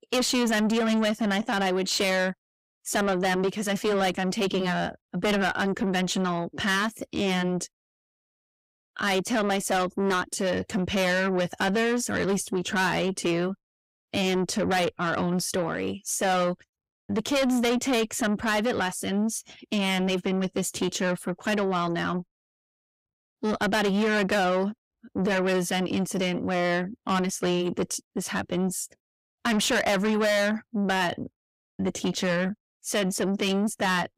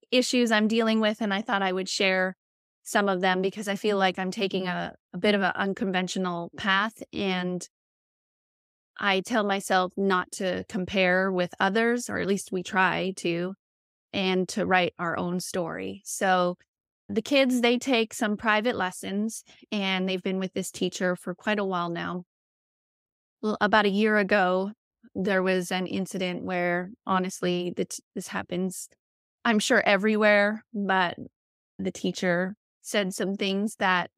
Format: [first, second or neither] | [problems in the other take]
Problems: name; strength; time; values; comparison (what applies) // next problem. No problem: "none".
second | distortion; heavy; 7 dB below the speech